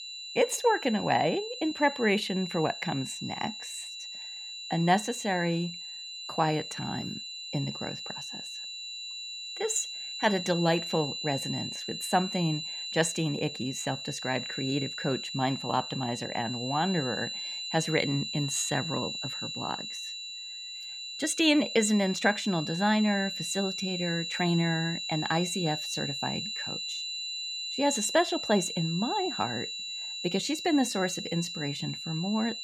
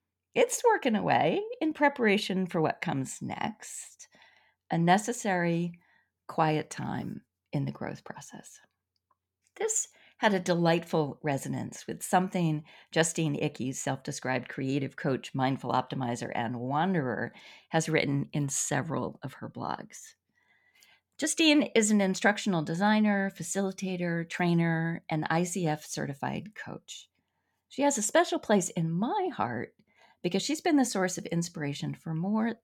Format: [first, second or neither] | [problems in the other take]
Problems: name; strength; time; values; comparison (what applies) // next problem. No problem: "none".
second | high-pitched whine; loud; throughout; 4 kHz, 5 dB below the speech